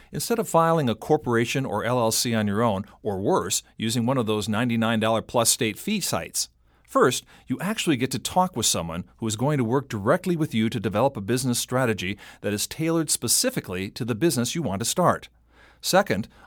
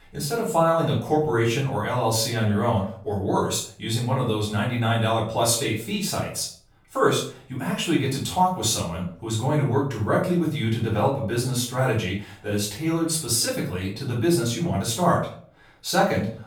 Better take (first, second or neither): first